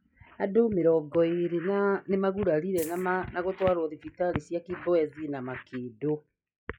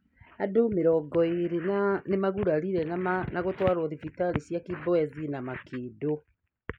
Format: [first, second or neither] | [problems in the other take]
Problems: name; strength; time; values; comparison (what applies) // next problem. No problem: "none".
second | noise reduction (classical method log-MMSE)